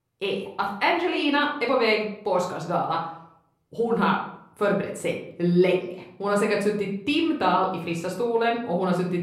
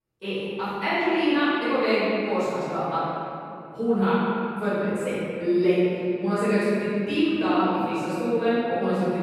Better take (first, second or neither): first